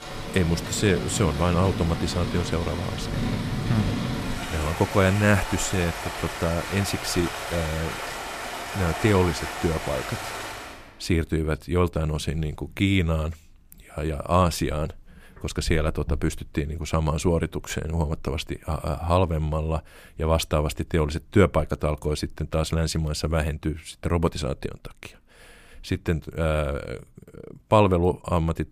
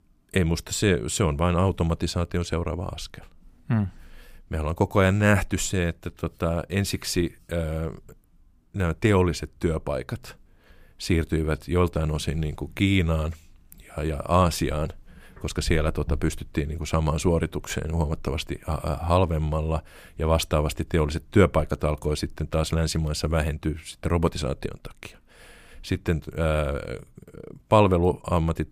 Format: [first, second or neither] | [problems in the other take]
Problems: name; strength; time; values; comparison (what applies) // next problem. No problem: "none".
second | rain or running water; loud; until 11 s; 6 dB below the speech